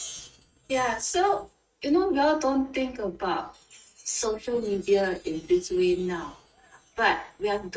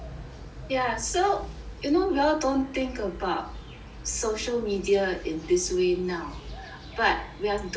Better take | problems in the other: second | noise reduction (neural mask model RNNoise)

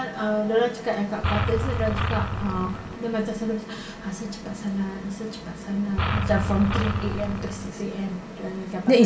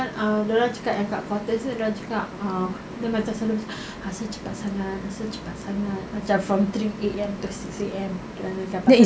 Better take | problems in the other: second | background sound (Engine); 1 dB below the speech // room echo; dies away in 2.6 s

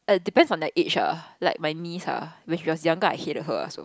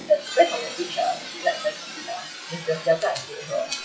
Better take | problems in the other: first | noise reduction (classical method WPE with log-MMSE)

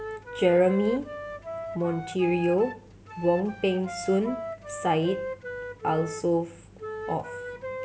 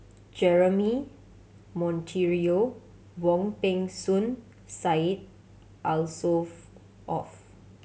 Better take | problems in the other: second | background sound (Wind instrument, woodwind instrument); 10 dB below the speech

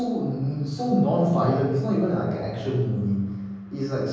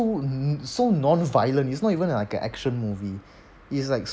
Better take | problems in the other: second | room echo; dies away in 1.3 s

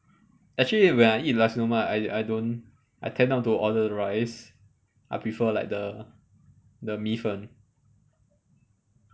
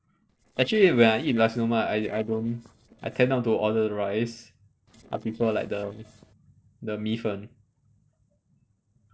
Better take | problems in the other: first | noise reduction (neural separator model SepFormer DNS4)

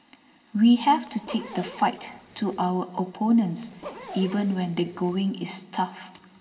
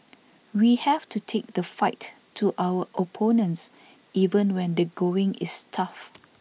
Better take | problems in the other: second | background sound (Zipper (clothing)); 18 dB below the speech // room echo; dies away in 2.4 s

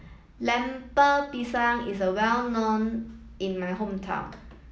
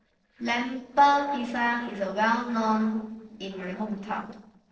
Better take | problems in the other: first | noise reduction (neural separator model SepFormer DNS4)

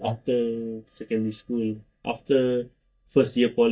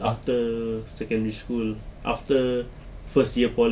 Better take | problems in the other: second | noise reduction (neural mask model DeepFilterNet 3)

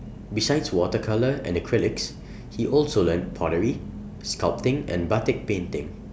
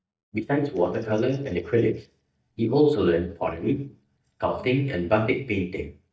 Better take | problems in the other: first | noise reduction (neural mask model DeepFilterNet 3)

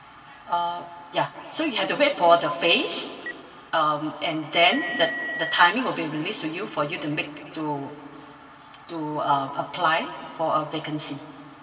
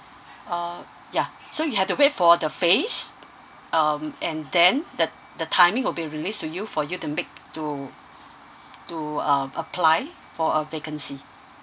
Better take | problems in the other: second | background sound (Telephone); 9 dB below the speech // room echo; dies away in 2.6 s

